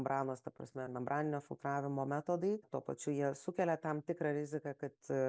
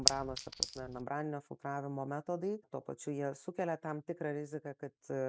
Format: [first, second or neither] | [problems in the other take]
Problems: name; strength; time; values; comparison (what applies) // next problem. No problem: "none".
first | noise reduction (neural mask model RNNoise)